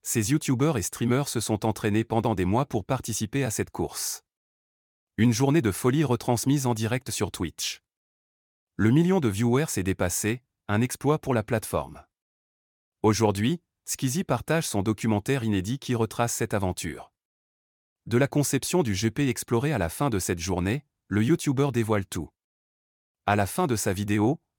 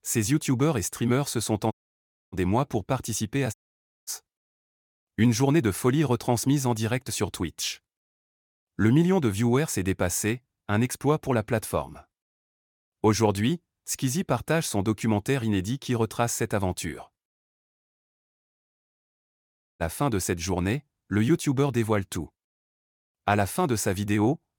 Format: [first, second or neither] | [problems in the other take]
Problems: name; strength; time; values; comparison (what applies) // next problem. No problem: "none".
first | audio cutting out; at 1.5 s for 0.5 s, at 3.5 s for 0.5 s and at 18 s for 2 s